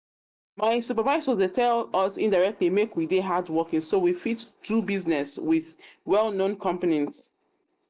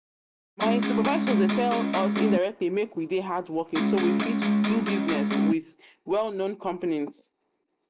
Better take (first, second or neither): first